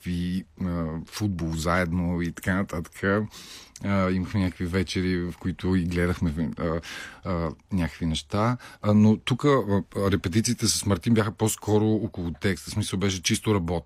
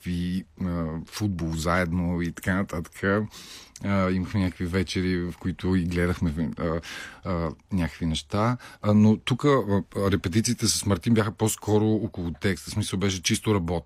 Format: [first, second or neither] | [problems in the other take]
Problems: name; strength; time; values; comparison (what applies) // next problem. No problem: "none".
neither | none